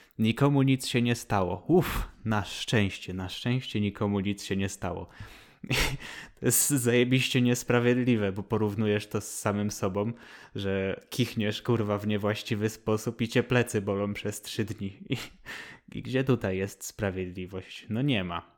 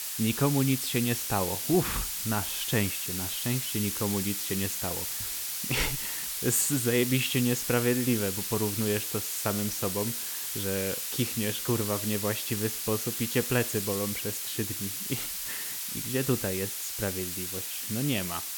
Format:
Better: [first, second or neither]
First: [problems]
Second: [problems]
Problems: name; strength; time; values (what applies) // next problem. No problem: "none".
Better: first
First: none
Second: hiss; loud; throughout; 1 dB below the speech